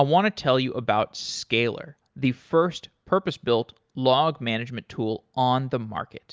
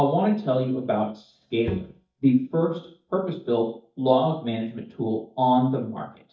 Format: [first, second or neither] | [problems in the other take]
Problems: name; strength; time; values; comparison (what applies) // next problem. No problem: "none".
first | noise reduction (neural mask model DeepFilterNet 3)